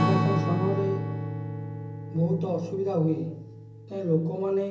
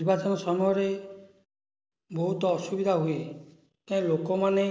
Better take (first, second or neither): second